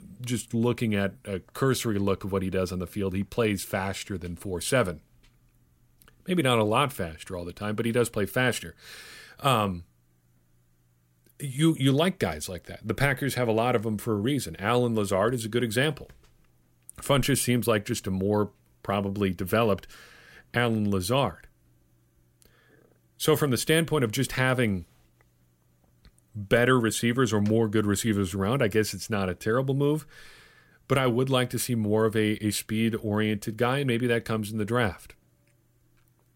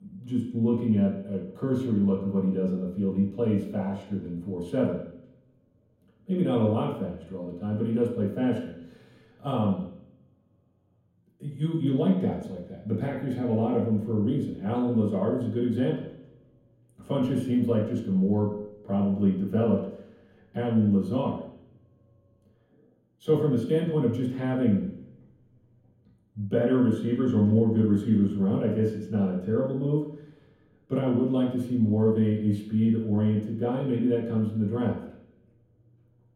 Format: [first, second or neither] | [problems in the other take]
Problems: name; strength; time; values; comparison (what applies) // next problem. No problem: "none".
first | room echo; noticeable; dies away in 0.9 s // off-mic speech; far